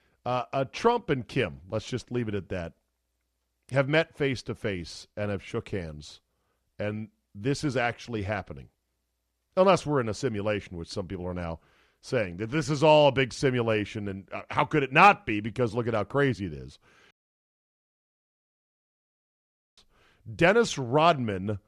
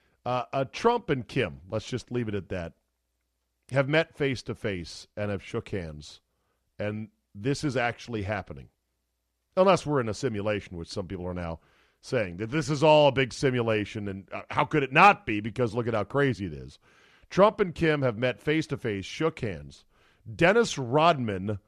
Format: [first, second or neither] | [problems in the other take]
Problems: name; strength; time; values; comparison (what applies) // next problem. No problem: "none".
second | audio cutting out; at 17 s for 2.5 s